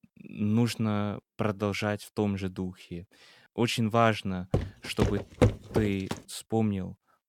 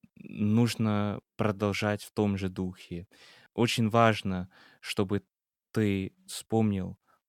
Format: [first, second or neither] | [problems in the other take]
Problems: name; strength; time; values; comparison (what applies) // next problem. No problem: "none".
second | footsteps; loud; from 4.5 to 6 s; peak 4 dB above the speech